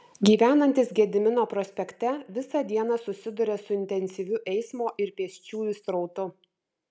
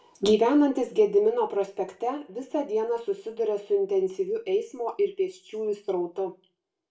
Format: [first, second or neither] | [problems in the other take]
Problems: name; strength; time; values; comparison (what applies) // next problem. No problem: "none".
first | room echo; dies away in 0.2 s